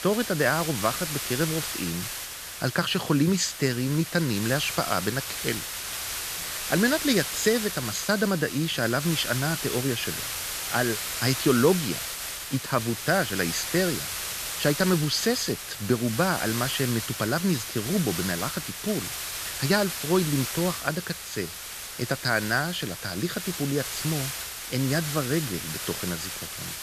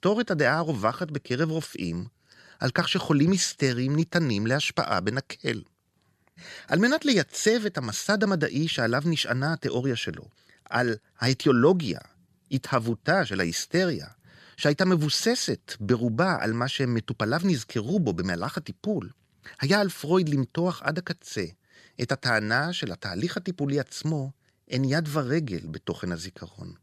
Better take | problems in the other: second | hiss; loud; throughout; 4 dB below the speech

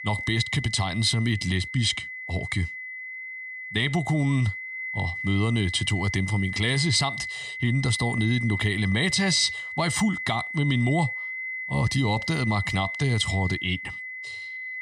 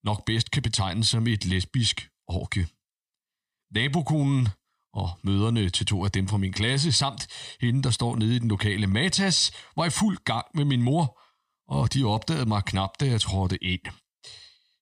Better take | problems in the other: second | high-pitched whine; loud; throughout; 2 kHz, 6 dB below the speech

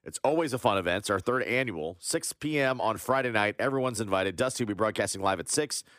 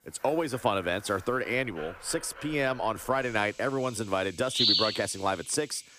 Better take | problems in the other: first | animal sounds; very loud; throughout; 5 dB above the speech

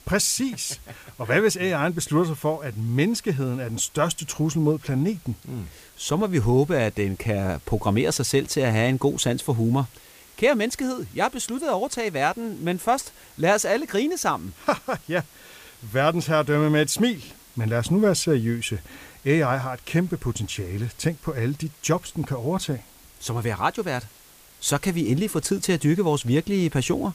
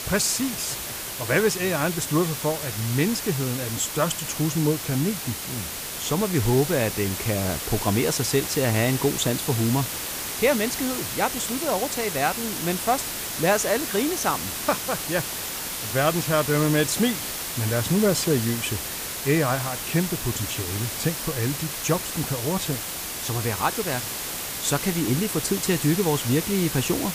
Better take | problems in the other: first | hiss; loud; throughout; 4 dB below the speech; faint in the first

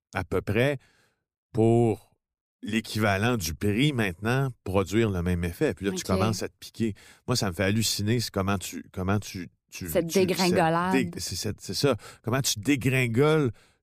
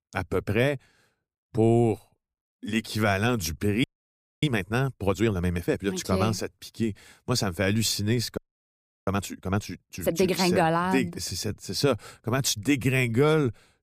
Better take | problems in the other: first | audio freezing; at 4 s for 0.5 s and at 8.5 s for 0.5 s

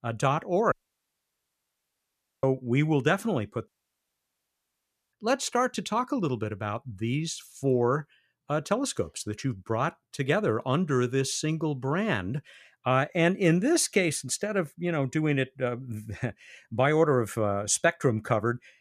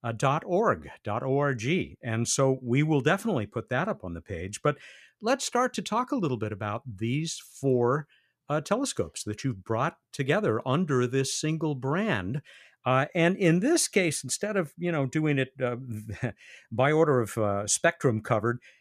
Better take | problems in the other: second | audio cutting out; at 0.5 s for 1.5 s and at 3.5 s for 1.5 s

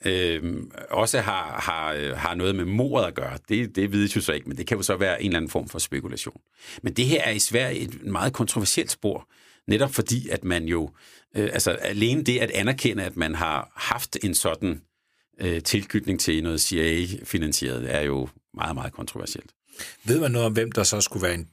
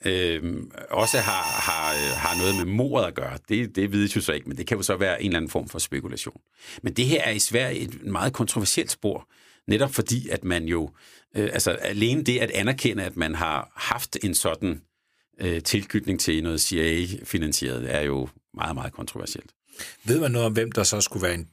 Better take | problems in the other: first | alarm; noticeable; from 1 to 2.5 s; peak level with the speech

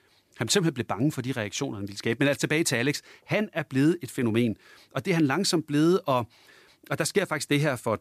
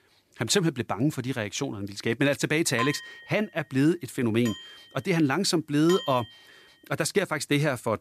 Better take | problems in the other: first | clattering dishes; noticeable; from 3 to 6 s; peak 6 dB below the speech

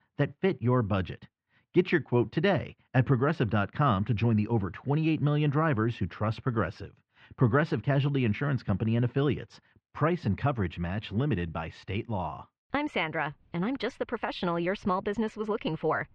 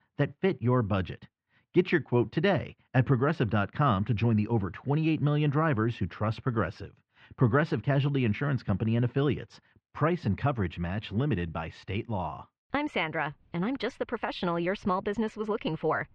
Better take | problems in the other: neither | muffled; very; fading above 3 kHz; the same in both

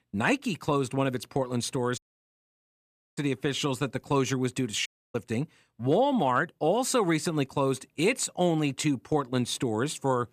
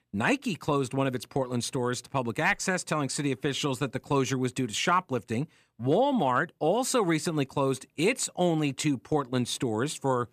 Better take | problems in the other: second | audio cutting out; at 2 s for 1 s and at 5 s

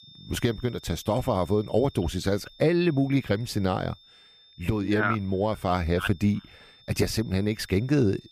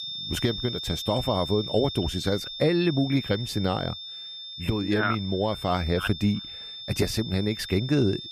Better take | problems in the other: first | high-pitched whine; loud; throughout; 3.5 kHz, 8 dB below the speech; faint in the first

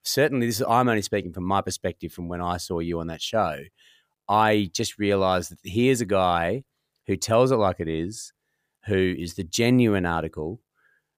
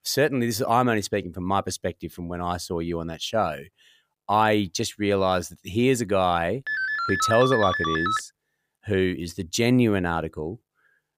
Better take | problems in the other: first | phone ringing; loud; from 6.5 to 8 s; peak level with the speech

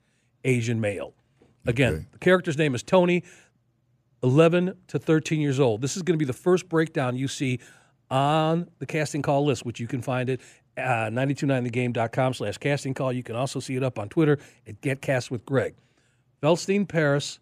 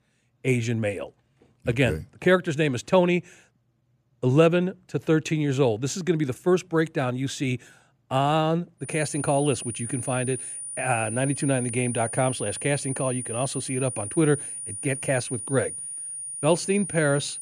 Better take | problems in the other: first | high-pitched whine; loud; from 9 s on; 9.5 kHz, 7 dB below the speech

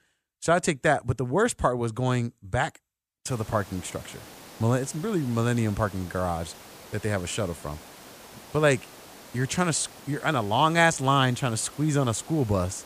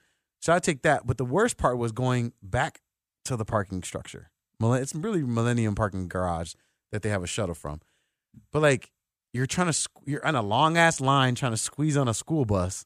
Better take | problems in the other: second | hiss; noticeable; from 3.5 s on; 20 dB below the speech

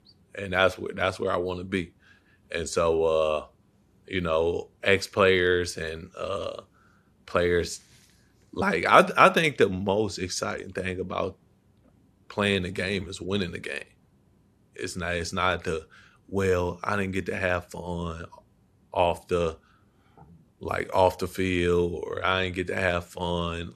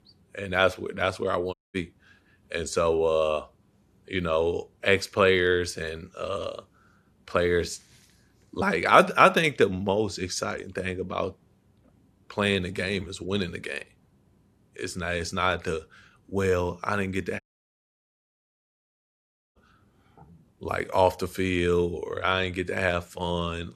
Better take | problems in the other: first | audio cutting out; at 1.5 s and at 17 s for 2 s

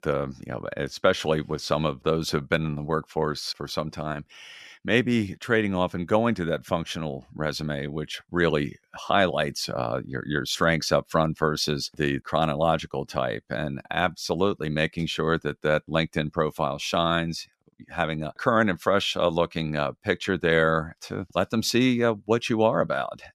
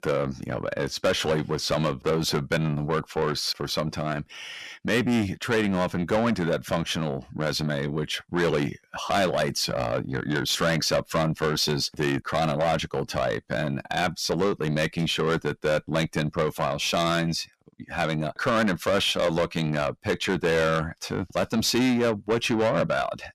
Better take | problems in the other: first | distortion; heavy; 7 dB below the speech

